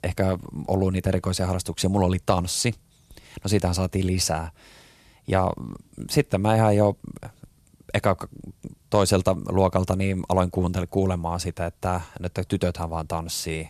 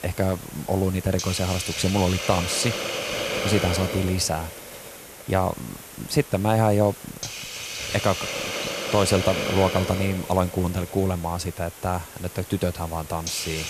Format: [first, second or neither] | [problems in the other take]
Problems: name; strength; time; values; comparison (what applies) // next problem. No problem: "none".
first | hiss; loud; throughout; 6 dB below the speech